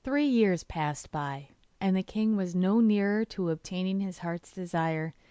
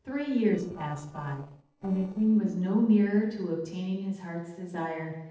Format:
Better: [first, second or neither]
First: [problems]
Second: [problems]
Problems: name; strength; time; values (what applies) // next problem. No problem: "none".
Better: first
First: none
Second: noise reduction (neural separator model SepFormer DNS4)